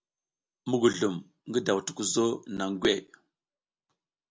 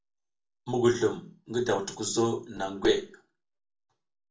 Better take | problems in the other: first | room echo; dies away in 0.3 s

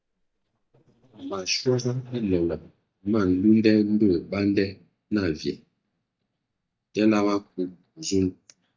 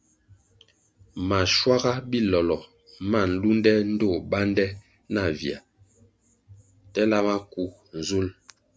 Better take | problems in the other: second | noise reduction (neural mask model DeepFilterNet 3)

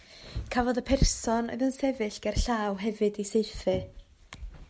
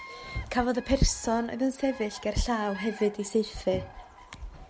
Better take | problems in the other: first | background sound (Bird vocalization, bird call, bird song); 18 dB below the speech

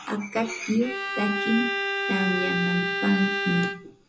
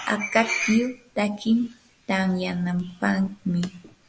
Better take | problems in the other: second | background sound (Bowed string instrument); 1 dB below the speech // room echo; dies away in 0.2 s

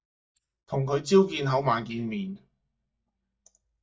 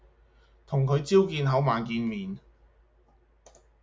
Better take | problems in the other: second | noise reduction (neural mask model DeepFilterNet 3)

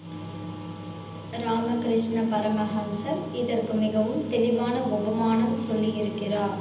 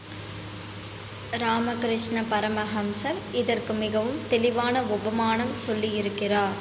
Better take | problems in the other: second | background sound (Wind instrument, woodwind instrument); 18 dB below the speech // room echo; dies away in 0.8 s

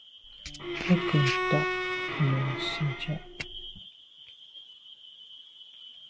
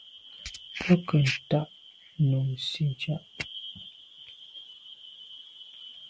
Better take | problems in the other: second | background sound (Bowed string instrument); 1 dB below the speech

